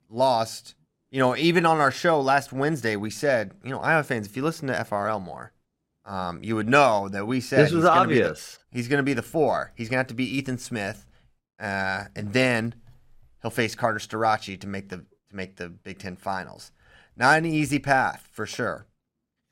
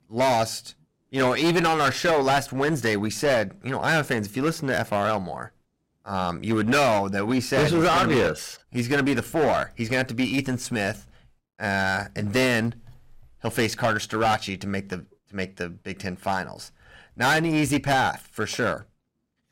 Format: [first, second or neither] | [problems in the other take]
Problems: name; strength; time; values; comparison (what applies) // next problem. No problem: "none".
first | distortion; heavy; 12% of the sound clipped